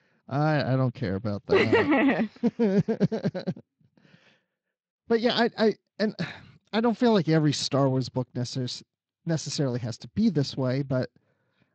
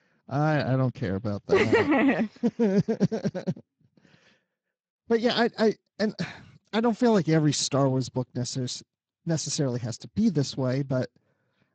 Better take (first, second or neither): first